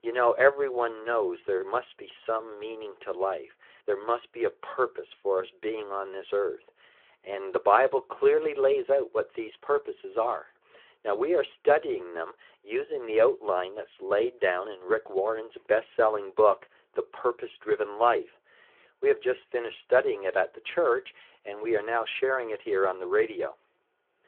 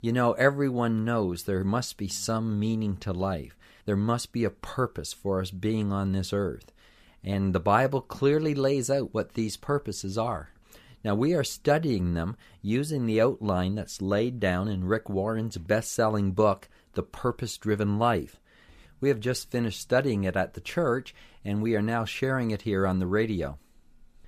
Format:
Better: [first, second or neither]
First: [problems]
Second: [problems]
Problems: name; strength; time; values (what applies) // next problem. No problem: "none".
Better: second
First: phone-call audio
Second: none